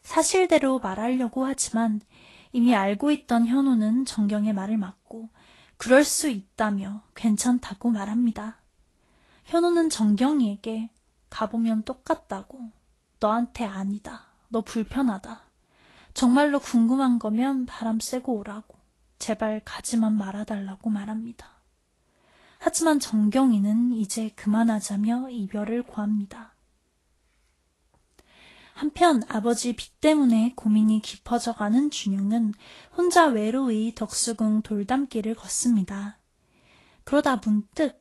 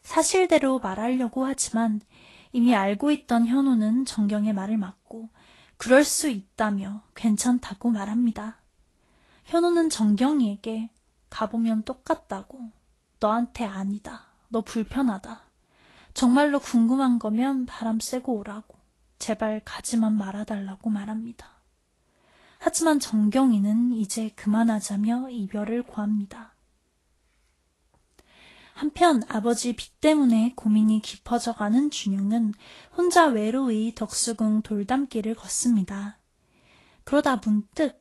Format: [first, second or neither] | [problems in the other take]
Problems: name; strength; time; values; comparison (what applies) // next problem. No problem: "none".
neither | garbled, watery; slightly; nothing above 11.5 kHz; the same in both